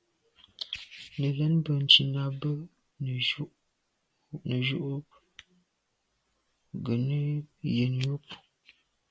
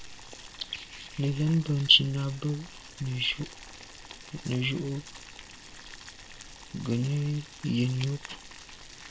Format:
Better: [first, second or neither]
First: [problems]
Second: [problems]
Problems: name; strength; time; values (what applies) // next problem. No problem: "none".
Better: first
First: none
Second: background sound (Boiling); 15 dB below the speech